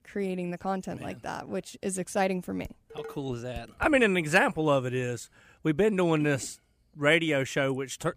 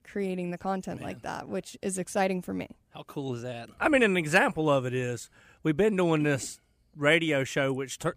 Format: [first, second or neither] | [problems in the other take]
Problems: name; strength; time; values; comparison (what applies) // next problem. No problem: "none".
second | clattering dishes; faint; from 2.5 to 4 s; peak 15 dB below the speech